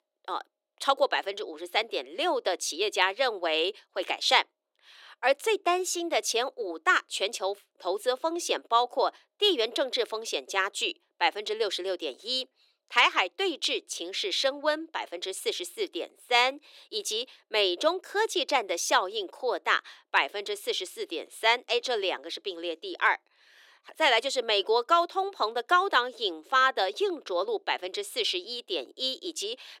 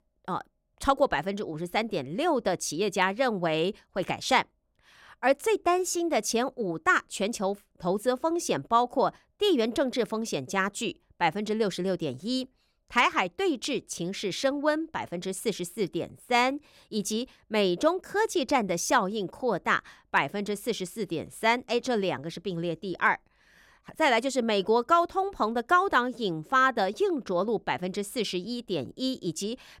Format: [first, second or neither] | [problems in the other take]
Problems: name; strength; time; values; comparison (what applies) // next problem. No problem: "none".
second | thin; very; fading below 350 Hz